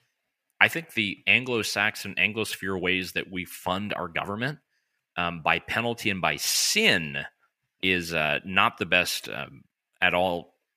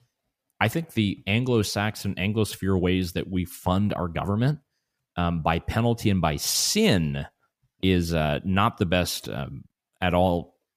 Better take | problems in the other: second | thin; somewhat; fading below 450 Hz

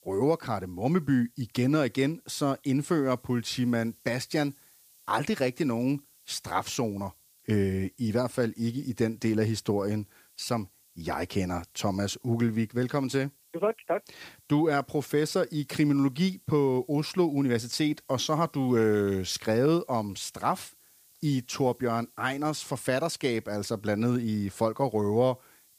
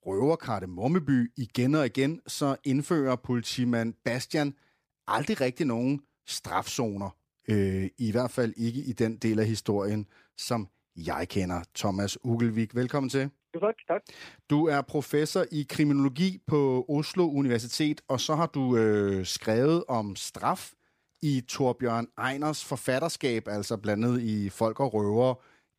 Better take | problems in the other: second | hiss; faint; throughout; 30 dB below the speech

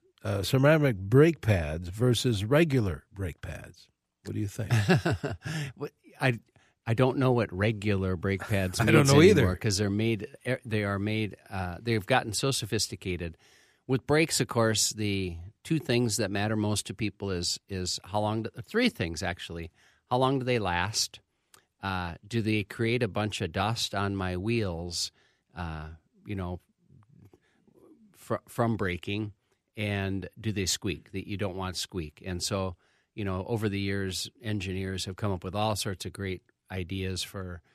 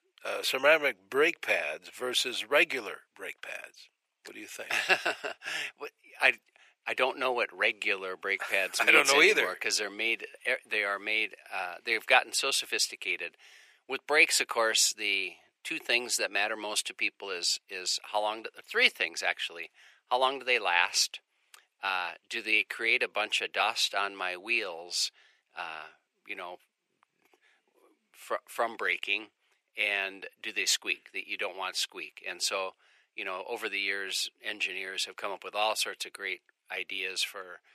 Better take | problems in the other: first | thin; very; fading below 500 Hz

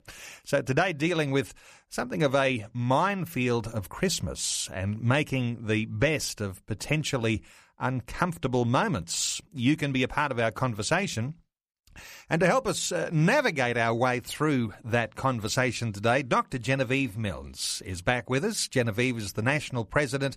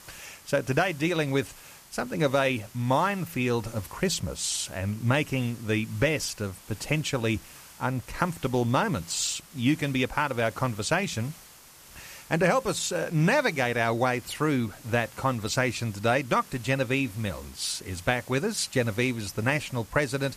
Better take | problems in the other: first | hiss; faint; throughout; 20 dB below the speech

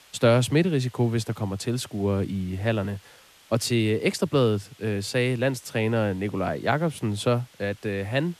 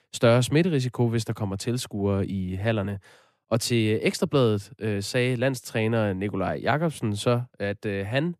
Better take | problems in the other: second | hiss; faint; throughout; 25 dB below the speech

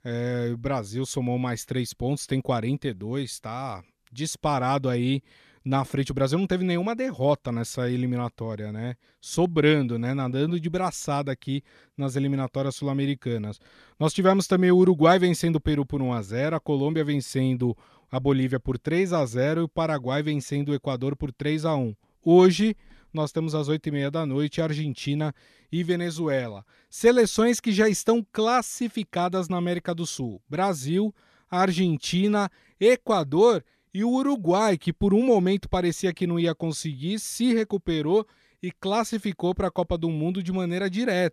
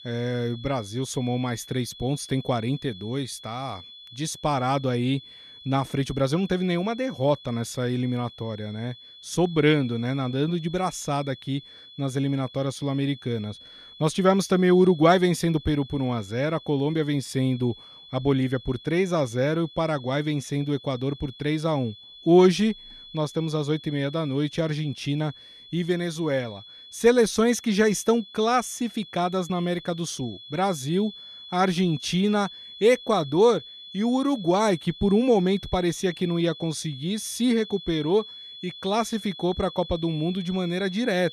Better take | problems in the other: first | high-pitched whine; noticeable; throughout; 3.5 kHz, 15 dB below the speech

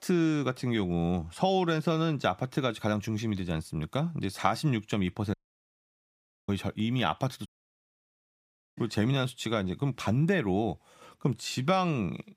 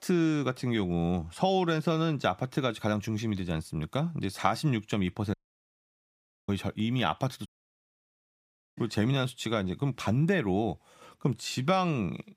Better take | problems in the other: neither | audio cutting out; at 5.5 s for 1 s and at 7.5 s for 1.5 s; the same in both

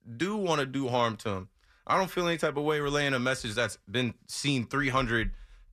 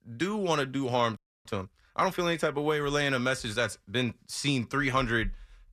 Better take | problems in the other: first | audio freezing; at 1 s

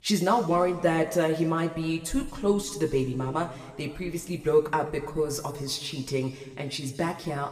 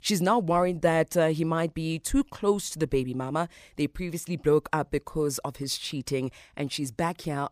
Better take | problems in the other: second | room echo; slight; dies away in 1.5 s // off-mic speech; somewhat distant

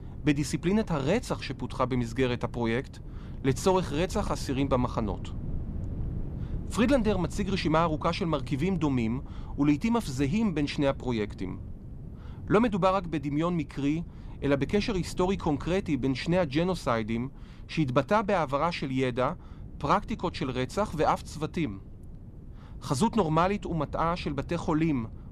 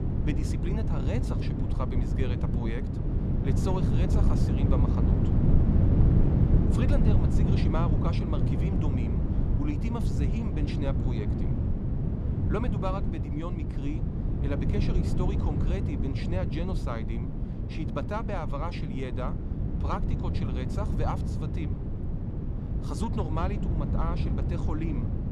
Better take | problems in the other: first | wind noise on the microphone; heavy; as loud as the speech; occasional gusts in the first

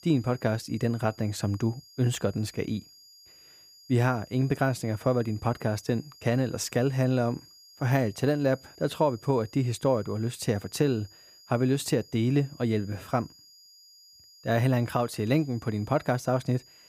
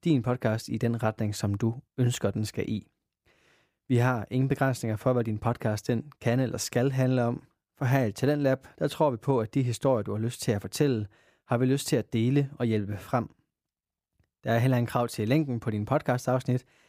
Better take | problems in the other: second | high-pitched whine; faint; throughout; 5 kHz, 25 dB below the speech

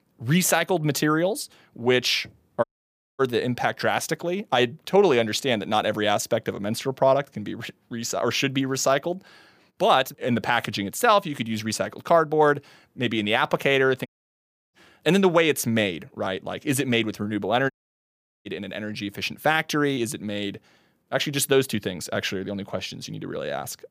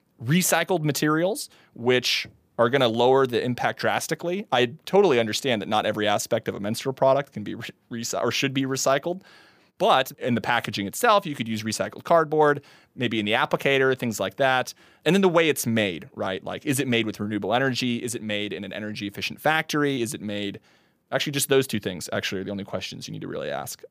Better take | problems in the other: second | audio cutting out; at 2.5 s for 0.5 s, at 14 s for 0.5 s and at 18 s for 1 s

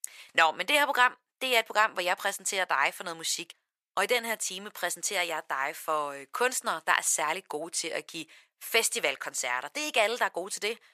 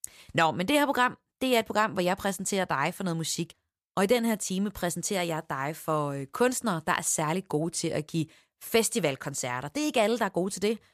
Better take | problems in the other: second | thin; very; fading below 600 Hz

